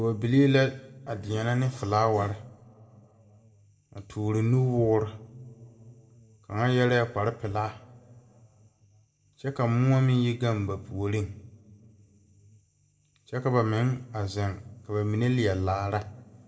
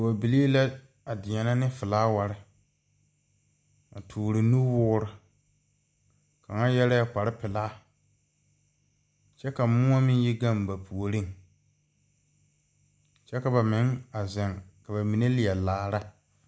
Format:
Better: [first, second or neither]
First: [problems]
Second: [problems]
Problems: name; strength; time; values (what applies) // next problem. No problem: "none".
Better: second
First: noise reduction (neural separator model SepFormer DNS4)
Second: none